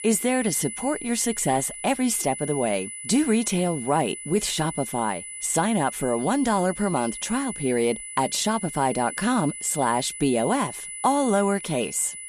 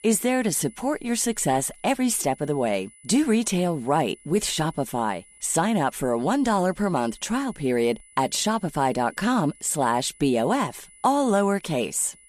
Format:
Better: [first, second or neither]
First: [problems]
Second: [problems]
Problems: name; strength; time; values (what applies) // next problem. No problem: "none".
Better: second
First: high-pitched whine; loud; throughout; 10 kHz, 9 dB below the speech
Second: high-pitched whine; faint; throughout; 10 kHz, 25 dB below the speech